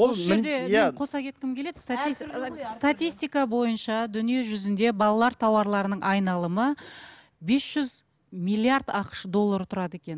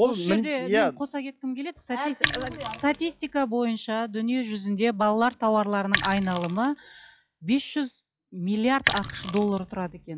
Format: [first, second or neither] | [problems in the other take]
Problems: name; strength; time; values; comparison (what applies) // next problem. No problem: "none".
first | noise reduction (classical method log-MMSE)